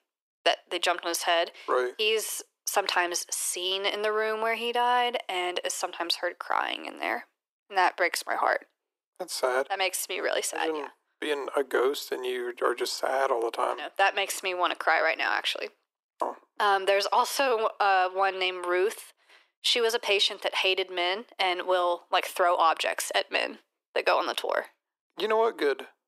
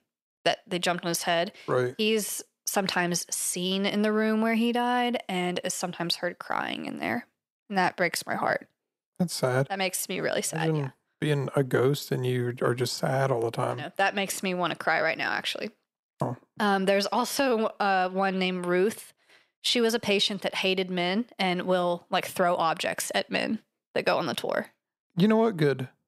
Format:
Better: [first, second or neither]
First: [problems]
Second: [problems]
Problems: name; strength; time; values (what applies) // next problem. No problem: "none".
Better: second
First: thin; very; fading below 300 Hz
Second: none